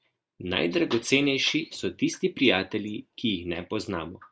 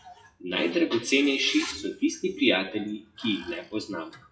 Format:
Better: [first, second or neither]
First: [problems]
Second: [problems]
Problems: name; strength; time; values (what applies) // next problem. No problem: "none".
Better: first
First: none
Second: noise reduction (classical method WPE with log-MMSE)